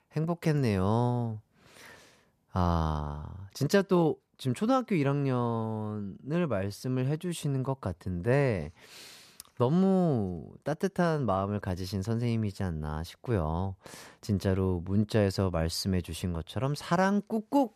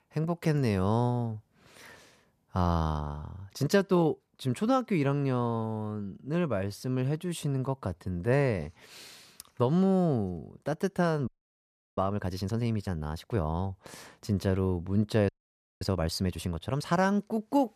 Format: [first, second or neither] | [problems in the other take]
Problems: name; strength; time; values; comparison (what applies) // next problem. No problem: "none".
first | audio freezing; at 11 s for 0.5 s and at 15 s for 0.5 s